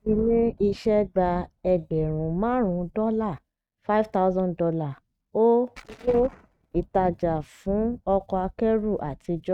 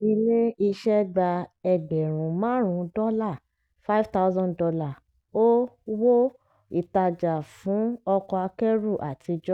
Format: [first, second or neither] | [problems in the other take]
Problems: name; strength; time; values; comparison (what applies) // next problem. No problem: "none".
second | noise reduction (neural mask model RNNoise)